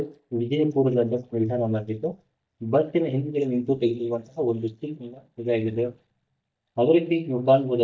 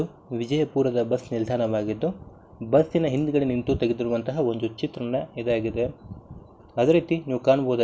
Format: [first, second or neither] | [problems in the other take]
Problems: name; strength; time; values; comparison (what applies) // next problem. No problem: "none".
second | noise reduction (neural mask model DeepFilterNet 3)